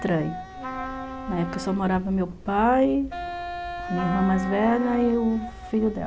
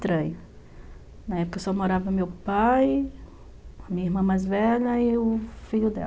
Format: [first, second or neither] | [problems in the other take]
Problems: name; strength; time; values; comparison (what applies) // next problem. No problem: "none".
second | background sound (Wind instrument, woodwind instrument + Trumpet); 10 dB below the speech